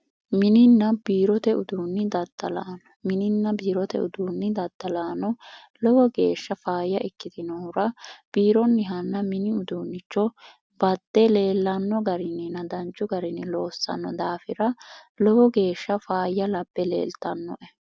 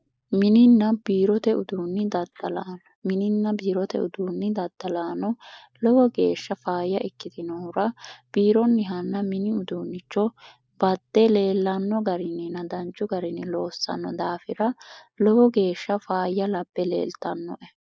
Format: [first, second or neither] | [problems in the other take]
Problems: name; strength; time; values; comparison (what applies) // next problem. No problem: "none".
first | noise reduction (neural mask model Resemble Enhance denoiser)